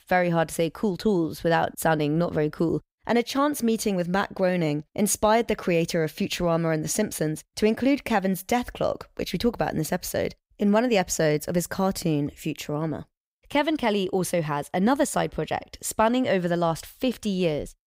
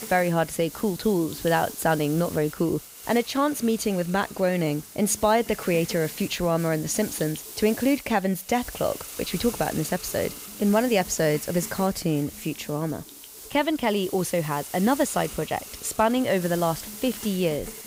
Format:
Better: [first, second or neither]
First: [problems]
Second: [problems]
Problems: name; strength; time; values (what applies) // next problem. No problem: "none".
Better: first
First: none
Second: hiss; noticeable; throughout; 10 dB below the speech